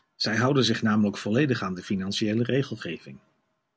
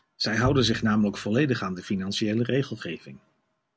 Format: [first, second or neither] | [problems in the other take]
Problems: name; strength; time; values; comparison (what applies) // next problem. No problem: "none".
first | background sound (Piano); 12 dB below the speech